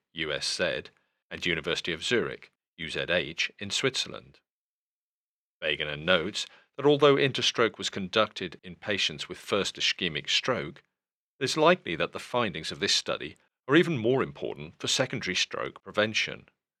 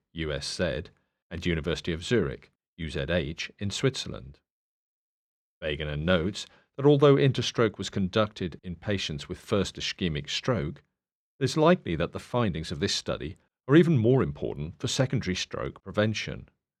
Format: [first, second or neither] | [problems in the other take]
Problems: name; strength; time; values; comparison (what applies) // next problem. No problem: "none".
second | thin; somewhat; fading below 550 Hz